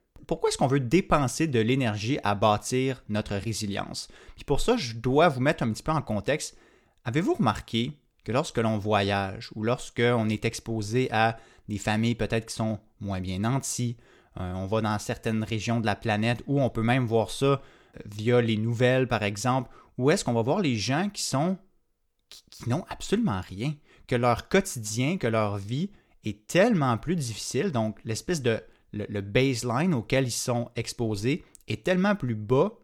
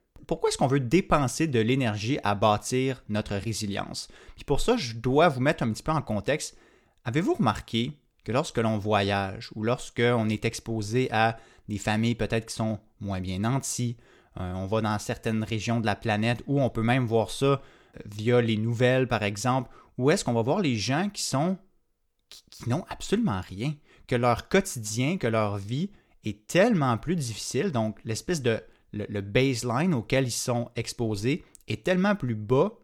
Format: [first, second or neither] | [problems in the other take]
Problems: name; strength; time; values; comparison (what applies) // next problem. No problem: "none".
neither | none